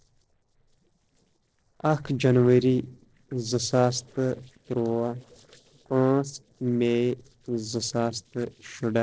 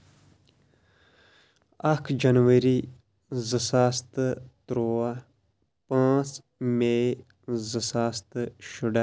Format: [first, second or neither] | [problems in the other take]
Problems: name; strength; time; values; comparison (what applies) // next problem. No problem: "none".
second | noise reduction (neural separator model SepFormer DNS4)